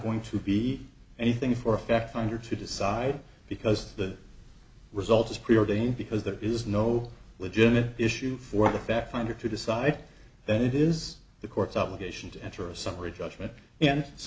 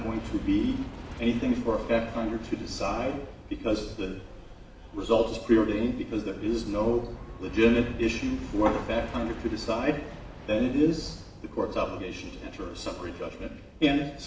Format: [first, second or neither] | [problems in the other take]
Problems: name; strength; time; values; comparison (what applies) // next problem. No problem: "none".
first | background sound (Aircraft); 15 dB below the speech // room echo; dies away in 0.8 s